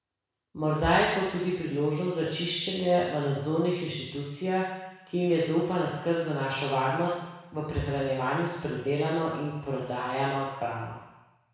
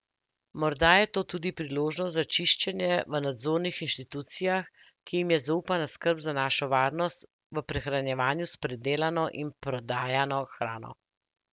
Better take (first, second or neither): second